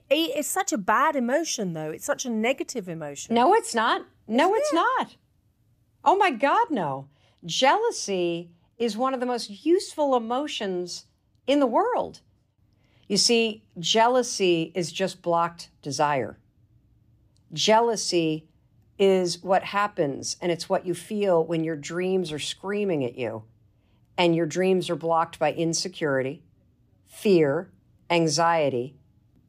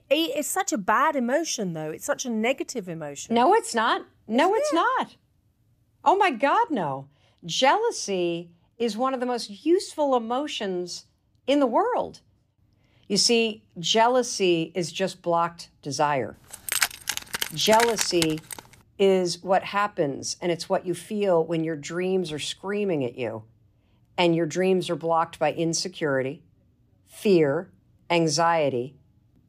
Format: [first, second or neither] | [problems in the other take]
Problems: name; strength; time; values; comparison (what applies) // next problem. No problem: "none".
first | jangling keys; loud; from 17 to 19 s; peak level with the speech